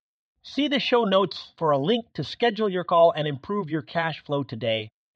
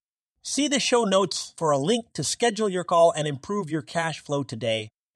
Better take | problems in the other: second | muffled; slightly; fading above 4 kHz

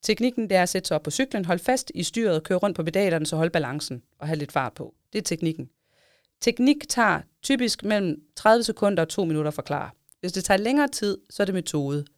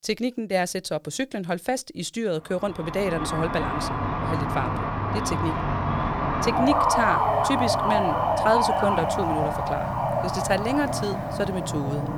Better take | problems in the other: first | traffic noise; very loud; from 3 s on; 2 dB above the speech

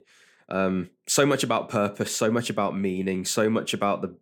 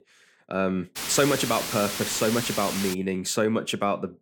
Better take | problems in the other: first | hiss; loud; from 1 to 3 s; 4 dB below the speech

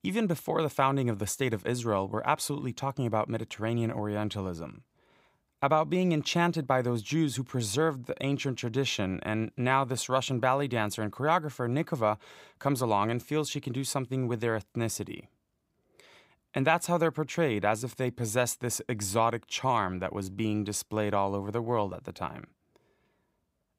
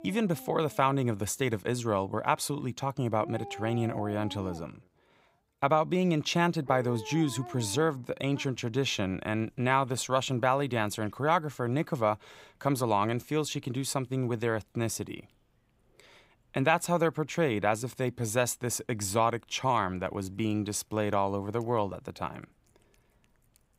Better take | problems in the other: first | animal sounds; noticeable; throughout; 15 dB below the speech

